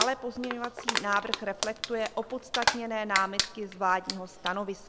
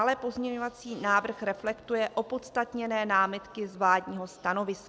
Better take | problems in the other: second | background sound (Crumpling, crinkling); 3 dB below the speech

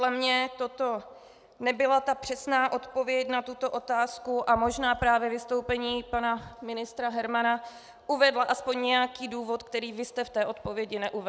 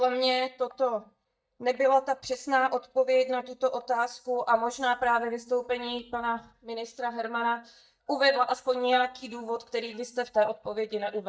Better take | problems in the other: first | noise reduction (neural mask model DeepFilterNet 3)

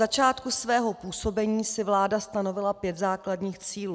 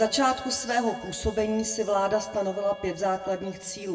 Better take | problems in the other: first | background sound (Wind instrument, woodwind instrument); 18 dB below the speech // room echo; dies away in 1 s

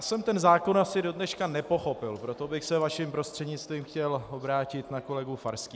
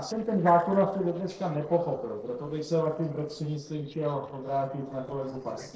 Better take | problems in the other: first | noise reduction (neural separator model SepFormer DNS4)

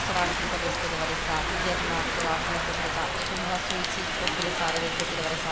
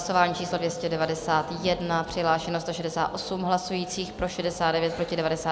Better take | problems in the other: second | background sound (Rain); 4 dB above the speech

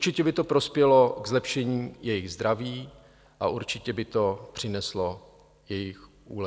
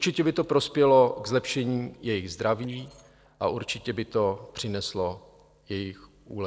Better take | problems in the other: first | noise reduction (neural separator model SepFormer DNS4)

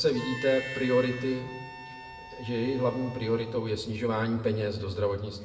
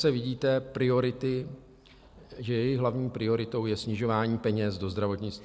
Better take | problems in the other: second | background sound (Harmonica); 13 dB below the speech // room echo; dies away in 1.4 s

